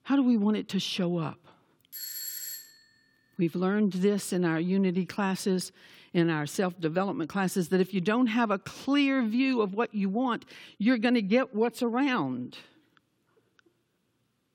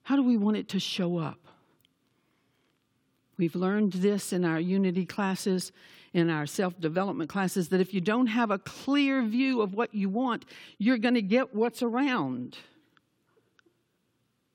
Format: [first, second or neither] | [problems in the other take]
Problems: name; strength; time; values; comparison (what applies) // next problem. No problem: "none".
second | doorbell; noticeable; at 2 s; peak 6 dB below the speech